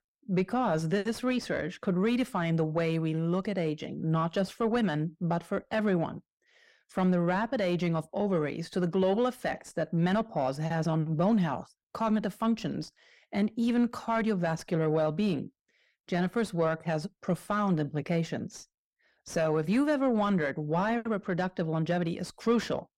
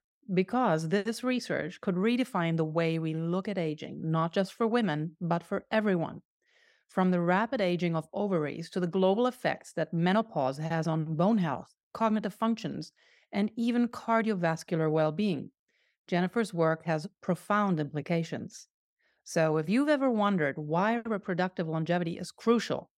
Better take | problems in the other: second | distortion; slight; 10 dB below the speech

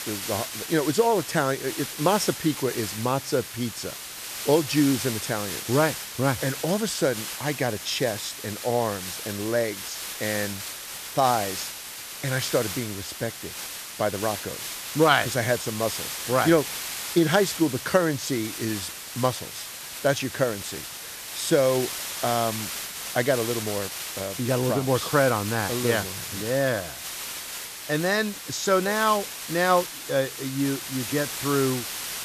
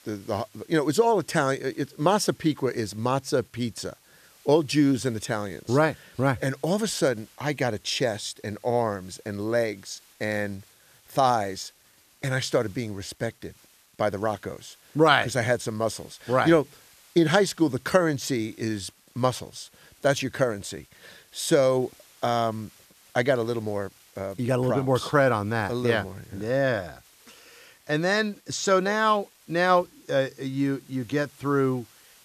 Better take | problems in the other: second | hiss; loud; throughout; 7 dB below the speech; faint in the second

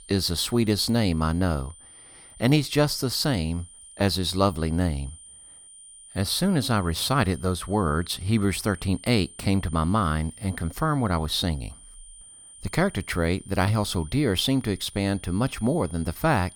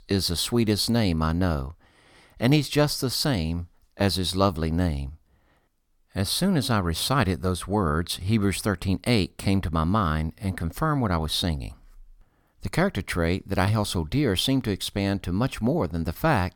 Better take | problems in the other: second | high-pitched whine; noticeable; throughout; 9 kHz, 20 dB below the speech

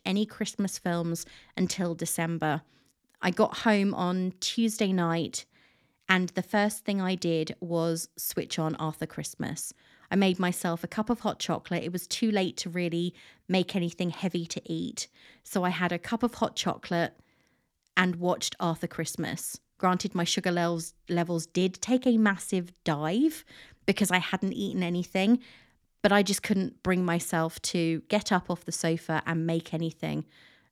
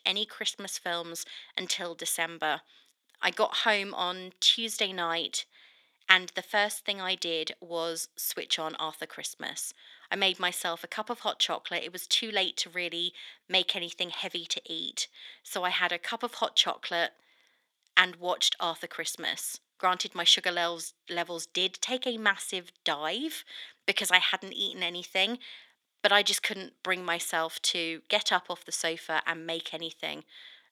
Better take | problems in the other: first | thin; very; fading below 550 Hz

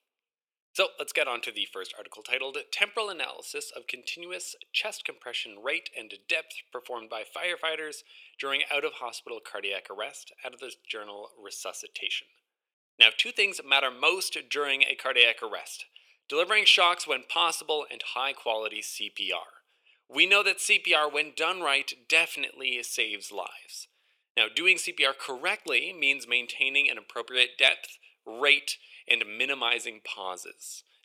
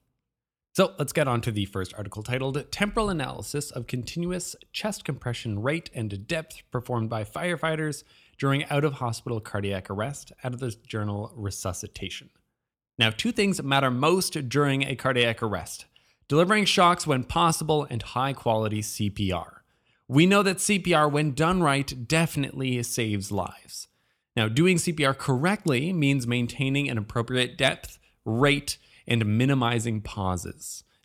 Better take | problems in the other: second | thin; very; fading below 450 Hz

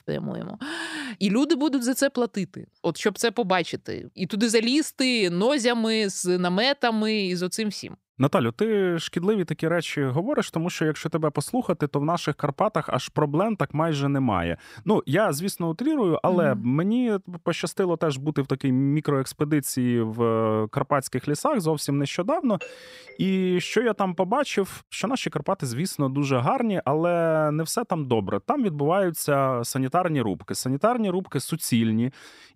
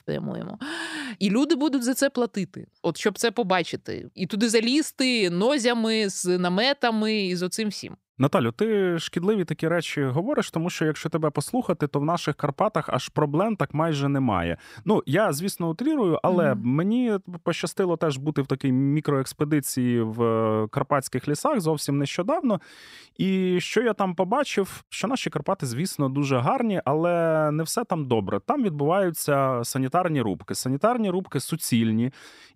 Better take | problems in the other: second | doorbell; faint; at 23 s; peak 15 dB below the speech

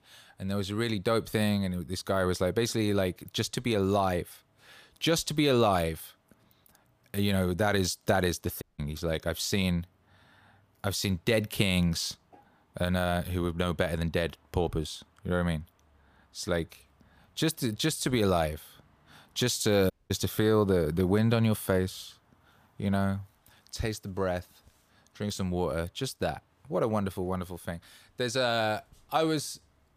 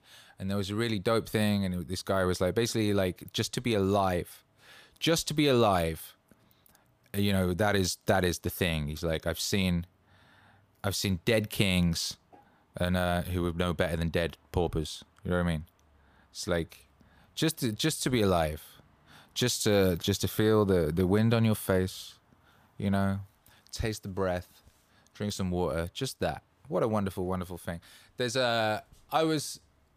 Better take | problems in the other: second | audio cutting out; at 8.5 s and at 20 s

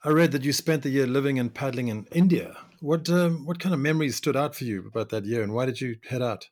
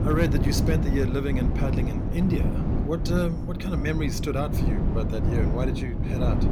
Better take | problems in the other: first | wind noise on the microphone; heavy; 3 dB below the speech

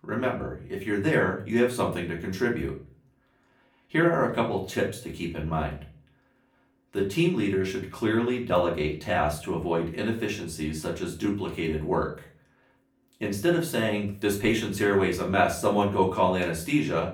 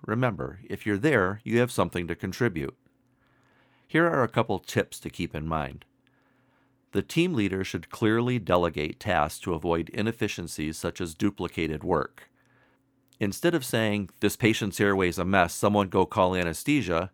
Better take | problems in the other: second | room echo; slight; dies away in 0.3 s // off-mic speech; far

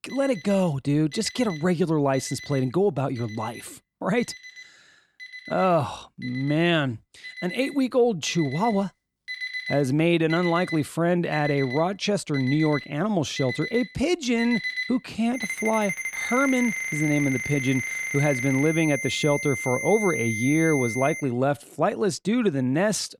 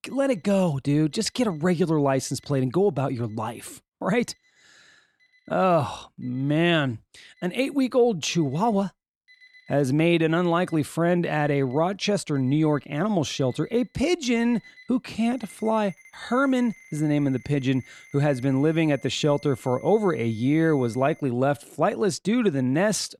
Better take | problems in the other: second | alarms or sirens; loud; throughout; 7 dB below the speech; faint in the second

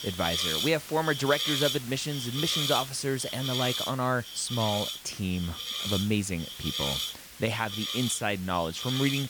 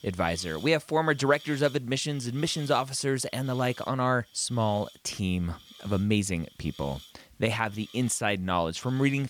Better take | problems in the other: second | hiss; loud; throughout; 2 dB below the speech; faint in the second

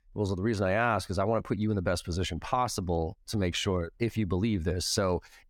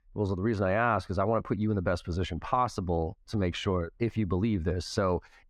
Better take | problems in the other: first | muffled; slightly; fading above 2 kHz

